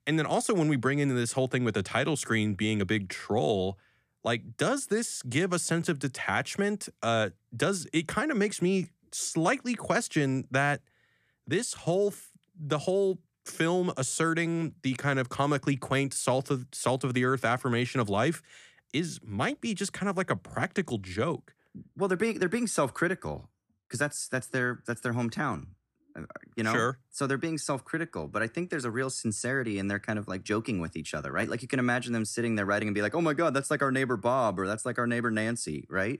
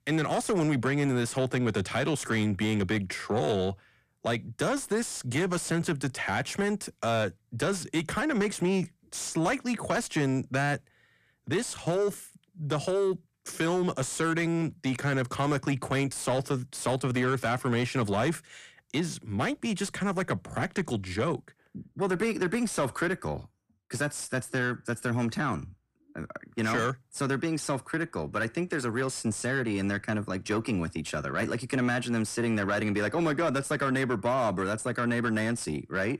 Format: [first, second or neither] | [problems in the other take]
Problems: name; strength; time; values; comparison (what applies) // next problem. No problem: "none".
first | distortion; slight; 10 dB below the speech